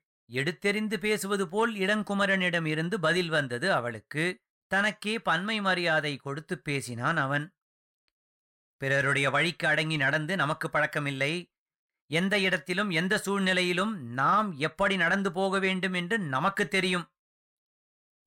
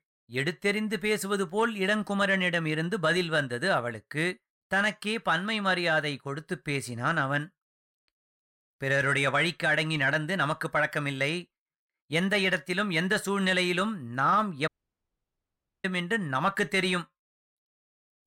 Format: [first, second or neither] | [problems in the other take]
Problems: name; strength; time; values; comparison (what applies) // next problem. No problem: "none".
first | audio cutting out; at 15 s for 1 s